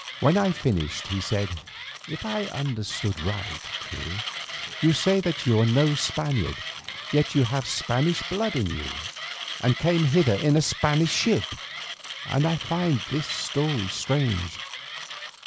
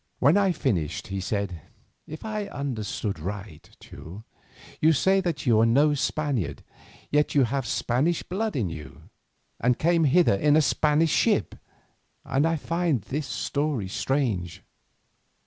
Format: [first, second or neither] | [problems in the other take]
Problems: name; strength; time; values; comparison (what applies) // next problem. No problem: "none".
second | background sound (Mechanisms); 10 dB below the speech